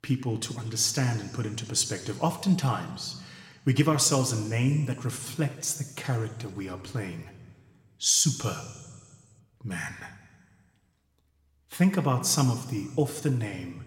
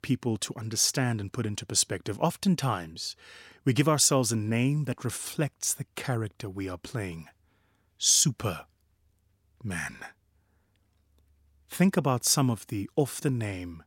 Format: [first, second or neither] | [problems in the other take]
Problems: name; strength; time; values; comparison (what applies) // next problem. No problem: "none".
second | room echo; slight; dies away in 1.3 s